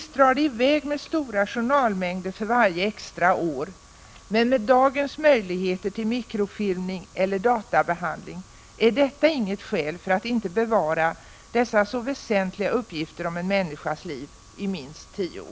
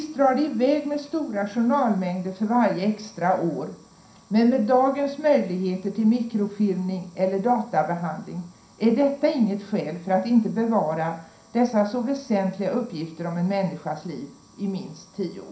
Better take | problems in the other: first | room echo; dies away in 0.5 s

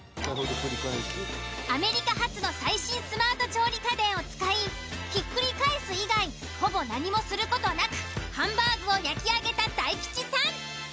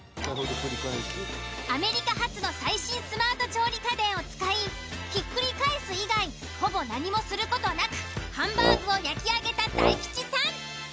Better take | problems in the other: first | background sound (Brass instrument); 1 dB below the speech

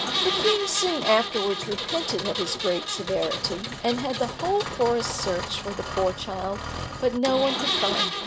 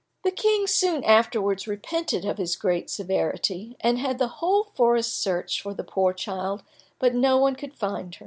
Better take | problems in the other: second | background sound (Engine); 3 dB below the speech

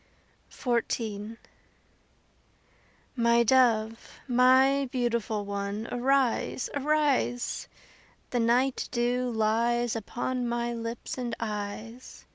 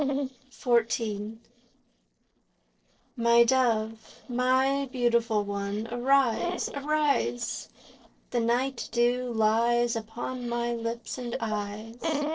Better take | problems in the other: first | noise reduction (neural separator model SepFormer DNS4)

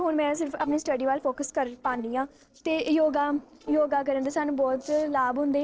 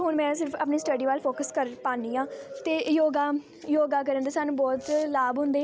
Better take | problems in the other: second | noise reduction (neural separator model SepFormer DNS4)

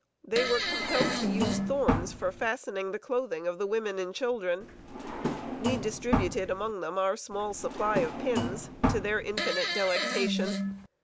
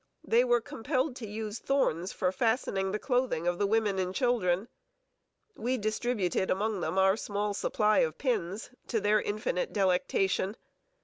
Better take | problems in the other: second | background sound (Drawer open or close + Fart); as loud as the speech

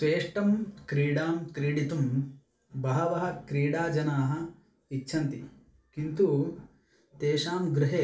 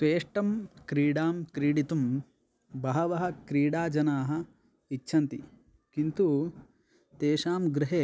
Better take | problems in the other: second | room echo; dies away in 0.3 s

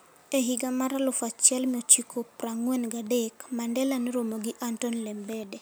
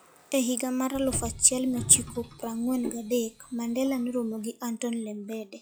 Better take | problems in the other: first | noise reduction (classical method log-MMSE)

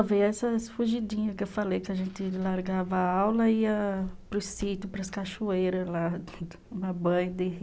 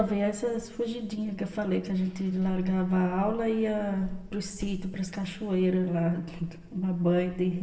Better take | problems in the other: first | room echo; dies away in 1.1 s

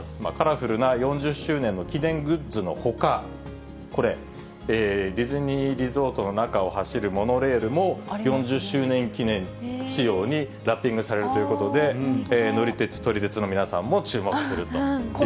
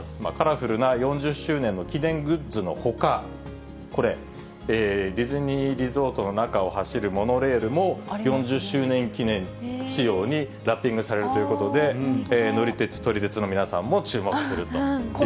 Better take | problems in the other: second | background sound (Strum); 19 dB below the speech

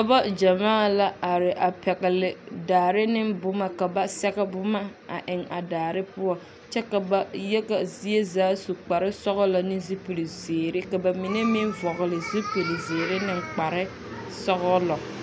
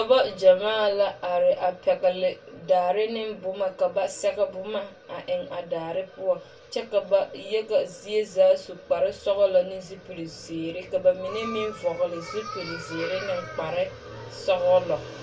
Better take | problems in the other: first | room echo; dies away in 0.2 s

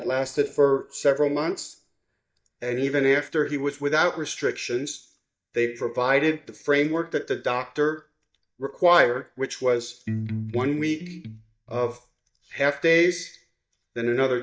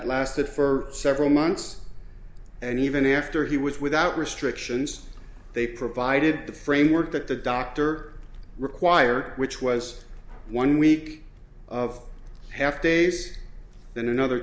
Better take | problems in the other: second | noise reduction (neural mask model DeepFilterNet 3)

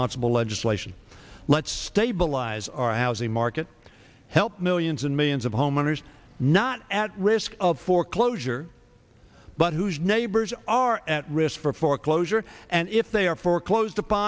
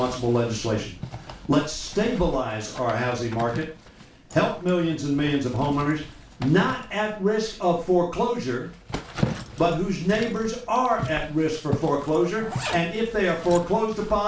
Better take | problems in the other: first | background sound (Zipper (clothing)); 12 dB below the speech // room echo; dies away in 0.3 s

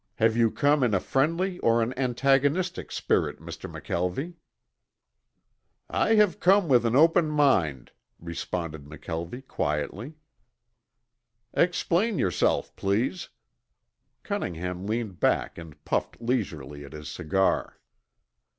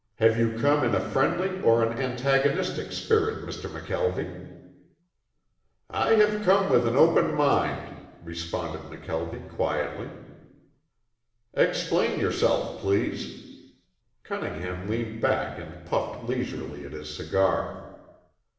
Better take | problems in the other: first | room echo; dies away in 1.1 s

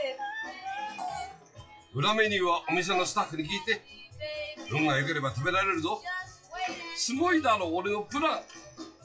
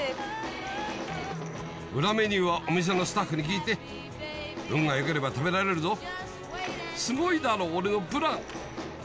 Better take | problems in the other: second | noise reduction (classical method WPE with log-MMSE)

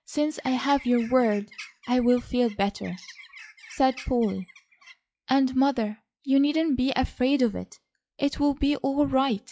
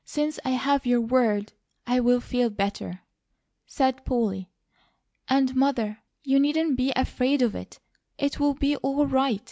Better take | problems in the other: second | noise reduction (classical method log-MMSE)

